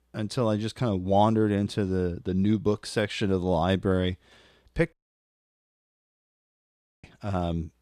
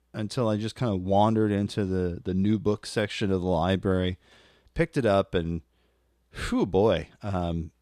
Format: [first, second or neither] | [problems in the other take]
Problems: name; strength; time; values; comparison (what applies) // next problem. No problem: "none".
second | audio cutting out; at 5 s for 2 s